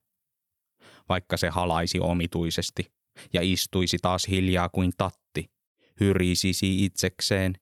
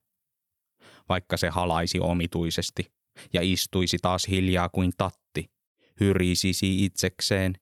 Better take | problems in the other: neither | none

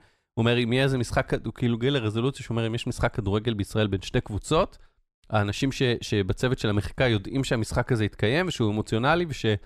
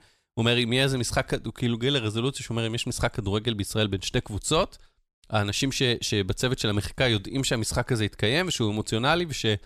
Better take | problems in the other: second | muffled; slightly; fading above 3 kHz

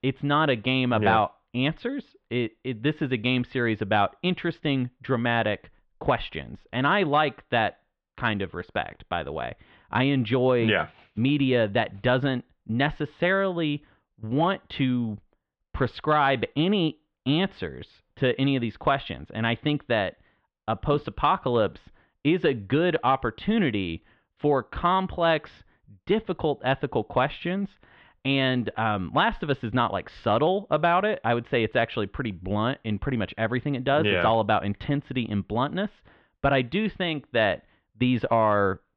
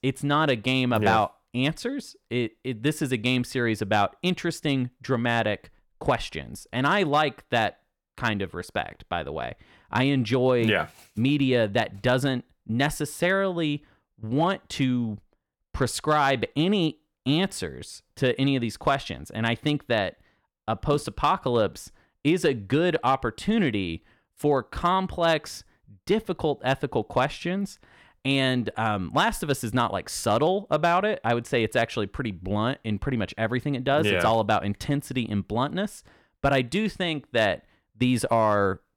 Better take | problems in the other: second | muffled; very; fading above 3.5 kHz

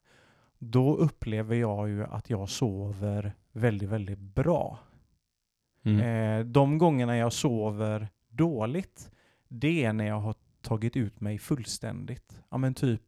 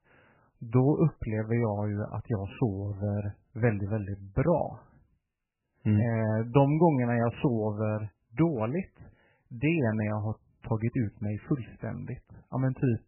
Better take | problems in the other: first | garbled, watery; badly; nothing above 3 kHz

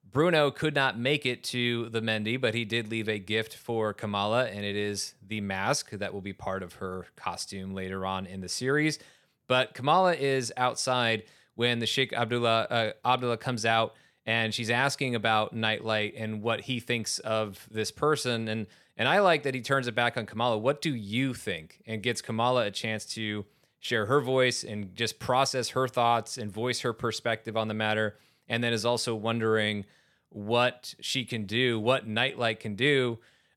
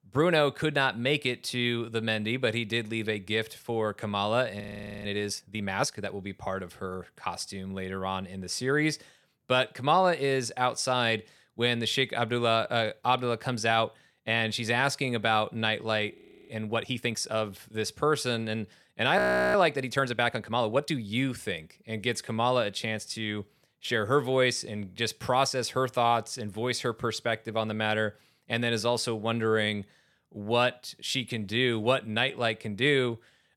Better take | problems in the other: first | audio freezing; at 4.5 s, at 16 s and at 19 s

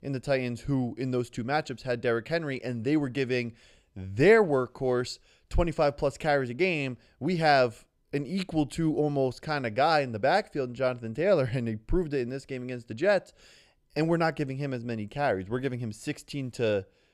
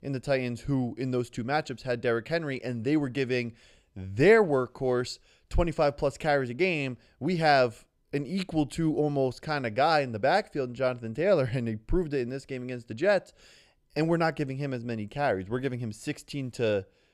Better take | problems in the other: neither | none

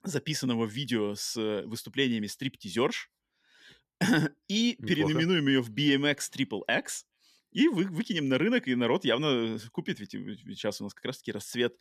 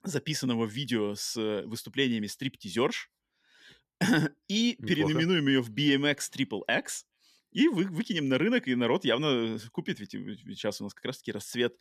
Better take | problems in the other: neither | none

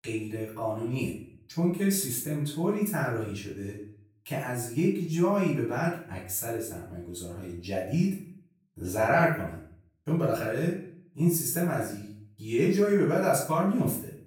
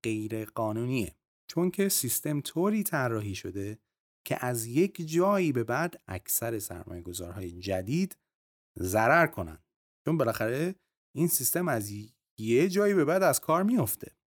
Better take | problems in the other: second | off-mic speech; far // room echo; noticeable; dies away in 0.5 s

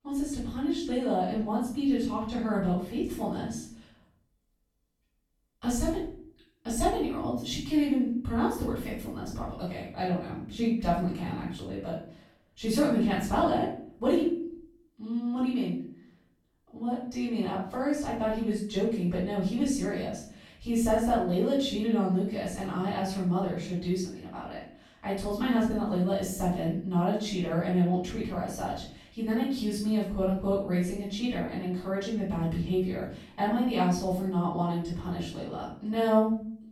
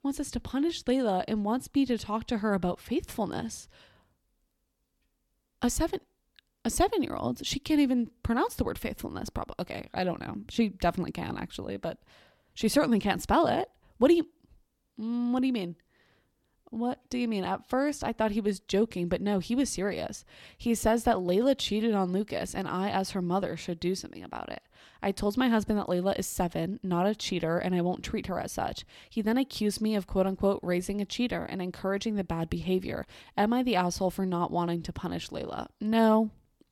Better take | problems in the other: second | off-mic speech; far // room echo; noticeable; dies away in 0.5 s

